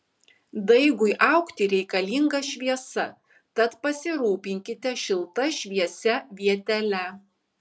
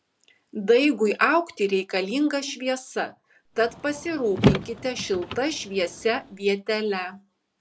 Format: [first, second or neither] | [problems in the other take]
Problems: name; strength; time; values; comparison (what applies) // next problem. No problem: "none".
first | background sound (Car); 4 dB below the speech